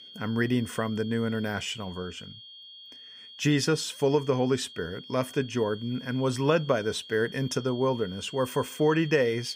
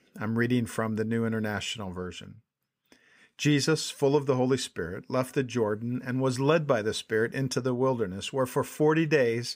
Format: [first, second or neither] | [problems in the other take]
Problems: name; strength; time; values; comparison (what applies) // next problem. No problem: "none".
second | high-pitched whine; noticeable; throughout; 3 kHz, 15 dB below the speech